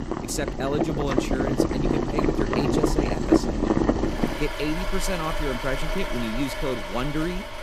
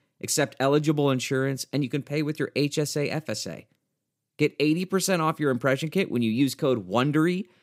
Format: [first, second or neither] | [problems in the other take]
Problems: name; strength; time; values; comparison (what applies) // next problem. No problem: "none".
second | household noises; very loud; throughout; 4 dB above the speech